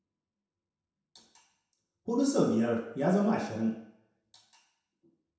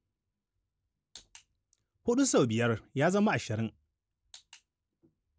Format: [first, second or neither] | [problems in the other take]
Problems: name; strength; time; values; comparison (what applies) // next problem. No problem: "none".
second | room echo; dies away in 0.7 s